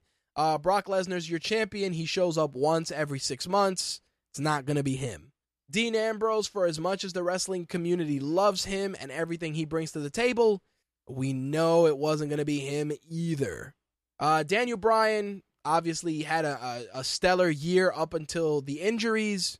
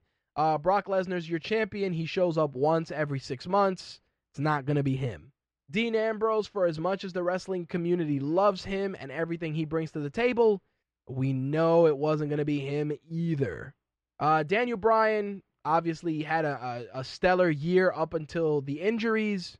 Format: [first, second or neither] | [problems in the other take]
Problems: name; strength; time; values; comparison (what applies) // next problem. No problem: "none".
first | muffled; slightly; fading above 2.5 kHz